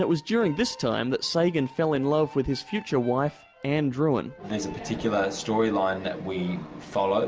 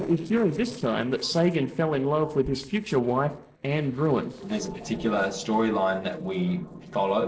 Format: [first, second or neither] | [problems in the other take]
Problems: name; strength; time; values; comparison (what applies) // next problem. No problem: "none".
first | noise reduction (neural separator model SepFormer DNS4)